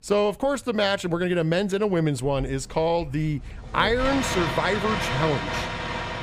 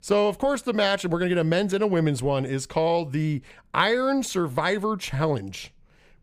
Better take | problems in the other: second | traffic noise; loud; throughout; 4 dB below the speech

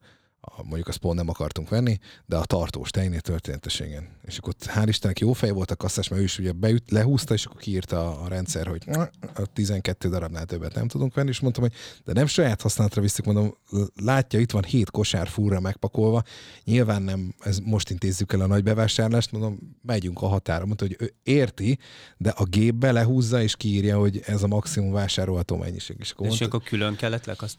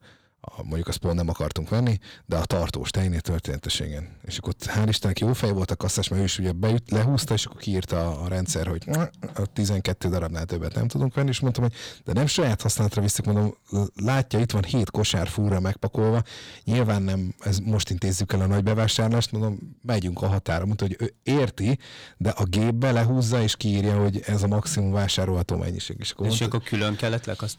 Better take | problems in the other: first | distortion; slight; 10 dB below the speech

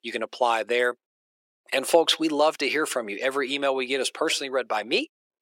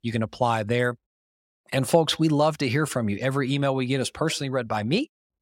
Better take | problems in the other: second | thin; somewhat; fading below 350 Hz

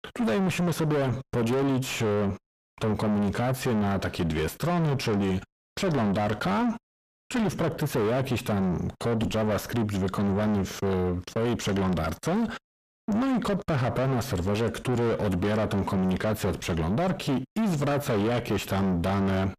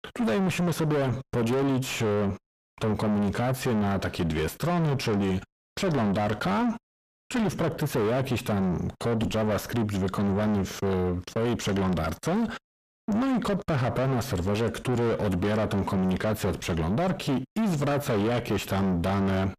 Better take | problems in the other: neither | distortion; heavy; 6 dB below the speech; the same in both

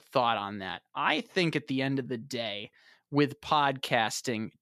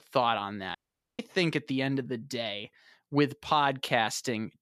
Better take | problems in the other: first | audio cutting out; at 1 s

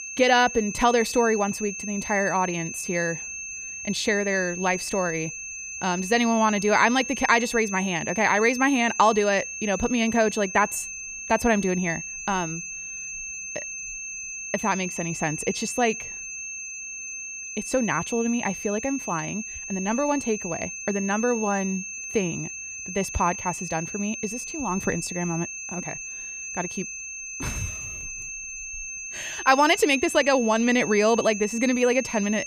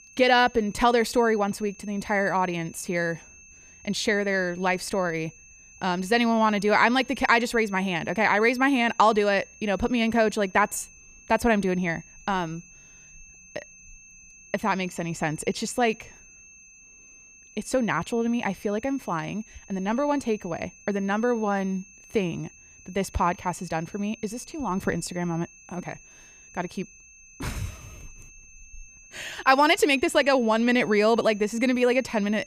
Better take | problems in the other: second | high-pitched whine; loud; throughout; 2.5 kHz, 8 dB below the speech; faint in the second

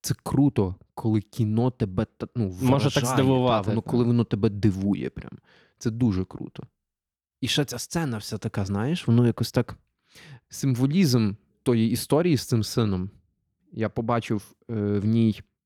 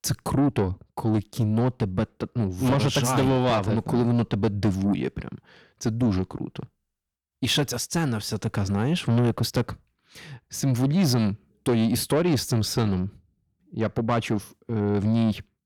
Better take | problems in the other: first | distortion; slight; 10 dB below the speech

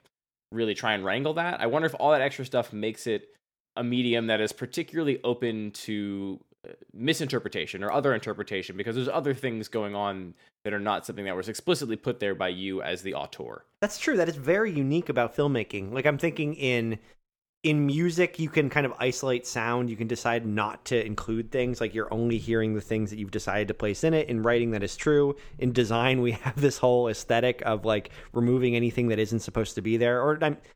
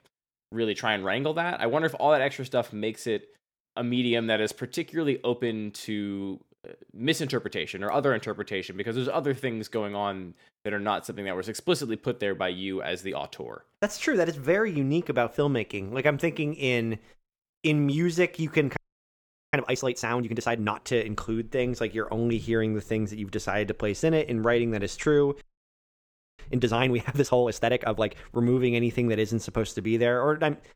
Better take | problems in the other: first | audio freezing; at 19 s for 1 s and at 25 s for 1 s

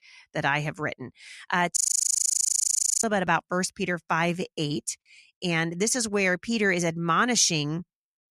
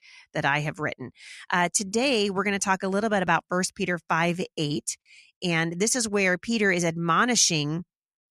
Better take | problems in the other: second | audio freezing; at 2 s for 1.5 s

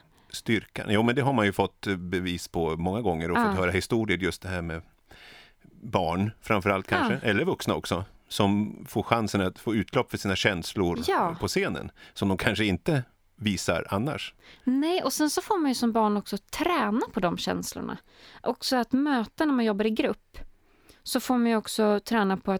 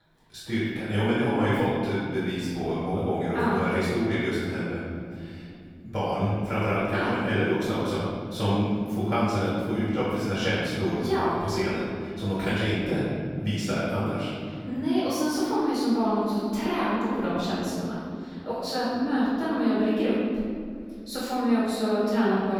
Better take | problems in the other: first | off-mic speech; far // room echo; strong; dies away in 2.7 s

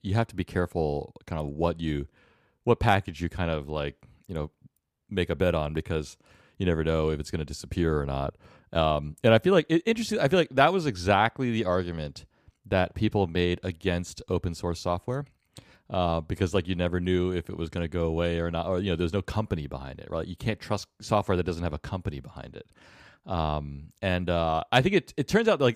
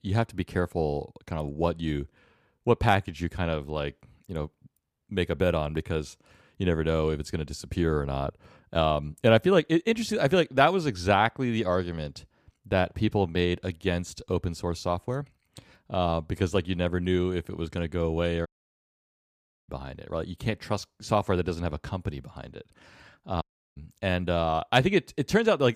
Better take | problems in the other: first | audio cutting out; at 18 s for 1 s and at 23 s

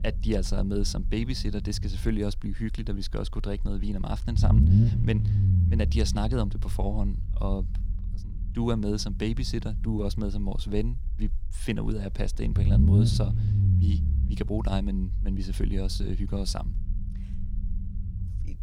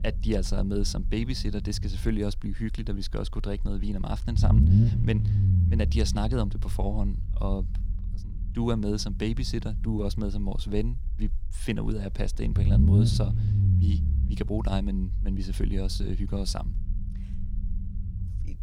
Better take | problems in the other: neither | low rumble; loud; throughout; 6 dB below the speech; the same in both

